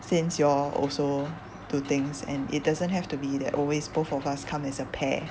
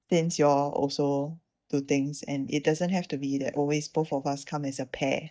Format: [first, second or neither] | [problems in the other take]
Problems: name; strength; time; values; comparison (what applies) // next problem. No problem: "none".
first | noise reduction (neural mask model DeepFilterNet 3)